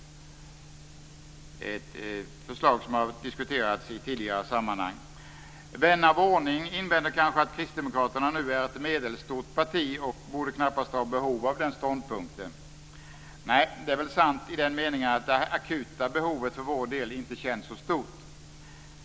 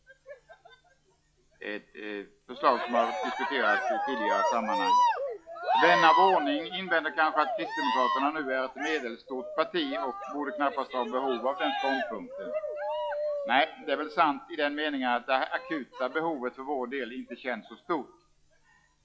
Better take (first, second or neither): first